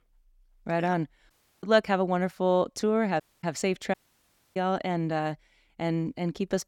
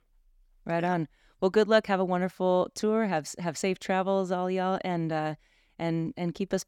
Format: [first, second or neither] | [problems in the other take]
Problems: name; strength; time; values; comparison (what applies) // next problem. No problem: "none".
second | audio cutting out; at 1.5 s, at 3 s and at 4 s for 0.5 s